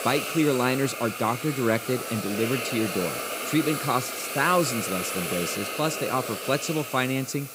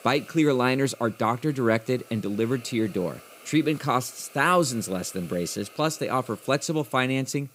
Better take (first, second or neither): second